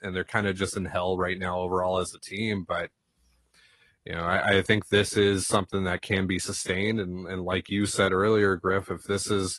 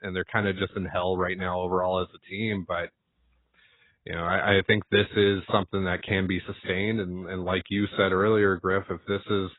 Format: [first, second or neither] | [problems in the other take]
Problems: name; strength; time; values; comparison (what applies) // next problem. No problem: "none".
first | garbled, watery; badly; nothing above 4 kHz; slightly in the first